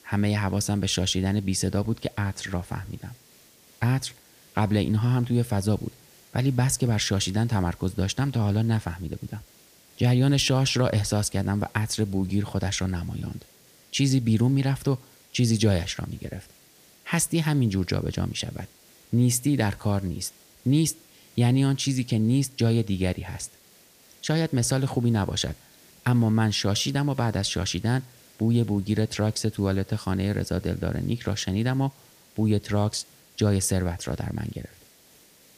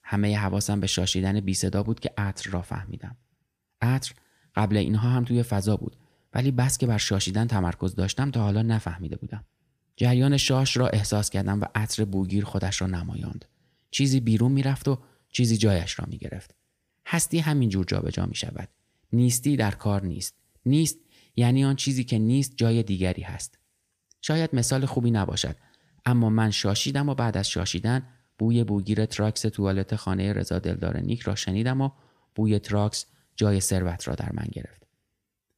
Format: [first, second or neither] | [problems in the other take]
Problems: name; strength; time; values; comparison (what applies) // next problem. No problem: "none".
second | hiss; faint; throughout; 25 dB below the speech